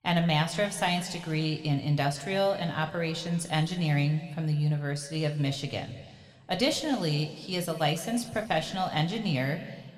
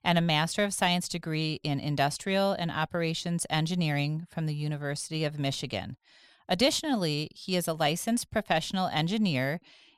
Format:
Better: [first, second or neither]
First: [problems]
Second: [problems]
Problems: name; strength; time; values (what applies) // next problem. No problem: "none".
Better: second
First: room echo; slight; dies away in 1.7 s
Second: none